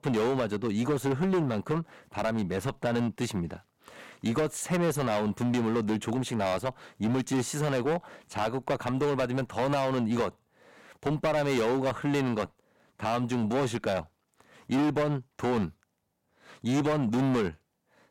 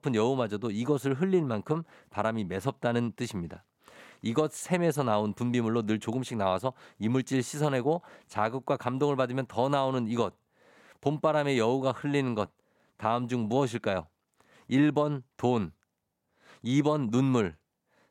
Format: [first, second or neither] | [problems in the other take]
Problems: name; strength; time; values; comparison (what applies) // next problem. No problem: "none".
second | distortion; heavy; 12% of the sound clipped